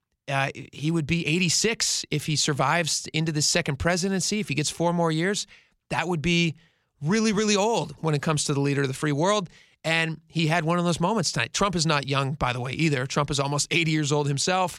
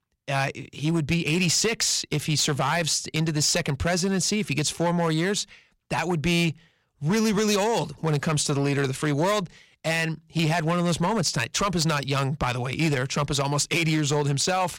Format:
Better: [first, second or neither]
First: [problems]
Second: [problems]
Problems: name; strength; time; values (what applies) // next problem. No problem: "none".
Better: first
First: none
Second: distortion; slight; 8% of the sound clipped